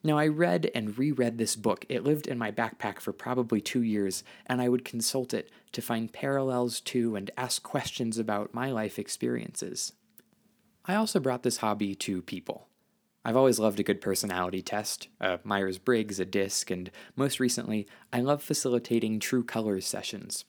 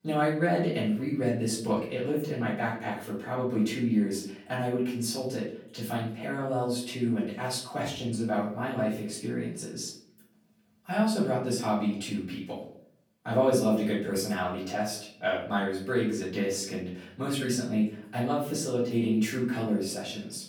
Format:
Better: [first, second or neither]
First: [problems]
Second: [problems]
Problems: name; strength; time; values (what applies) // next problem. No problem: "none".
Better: first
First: none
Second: off-mic speech; far // room echo; noticeable; dies away in 0.5 s